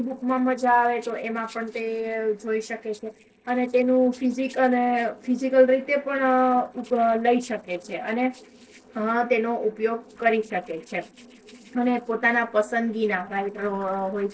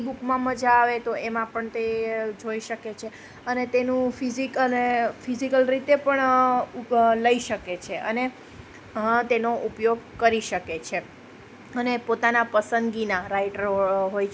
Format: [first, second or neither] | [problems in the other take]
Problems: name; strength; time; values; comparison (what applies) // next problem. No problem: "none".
second | noise reduction (neural separator model SepFormer DNS4)